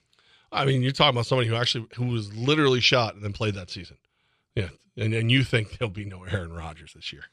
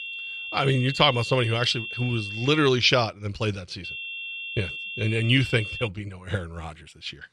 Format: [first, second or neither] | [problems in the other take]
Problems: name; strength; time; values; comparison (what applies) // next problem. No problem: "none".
first | high-pitched whine; loud; until 2.5 s and from 4 to 6 s; 2.5 kHz, 8 dB below the speech